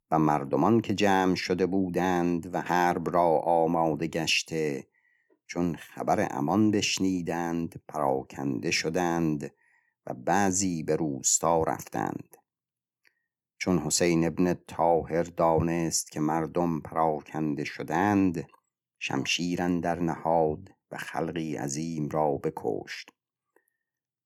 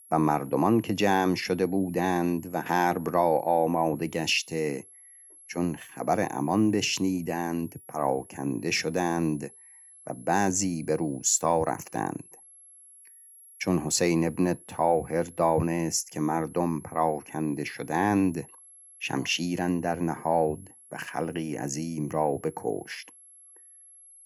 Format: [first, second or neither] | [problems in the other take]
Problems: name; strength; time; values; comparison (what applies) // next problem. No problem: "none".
first | high-pitched whine; faint; throughout; 11 kHz, 20 dB below the speech